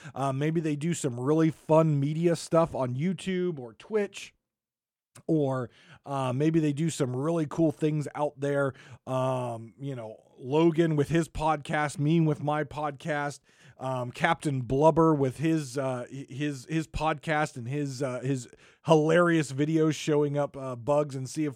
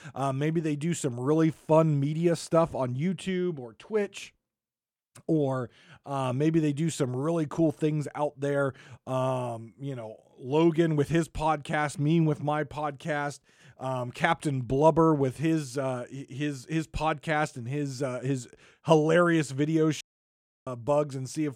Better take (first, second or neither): first